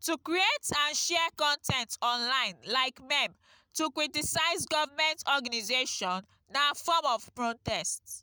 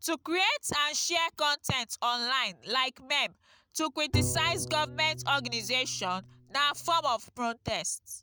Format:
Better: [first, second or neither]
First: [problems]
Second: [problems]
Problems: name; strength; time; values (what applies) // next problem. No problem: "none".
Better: first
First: none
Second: background sound (Bowed string instrument); 7 dB below the speech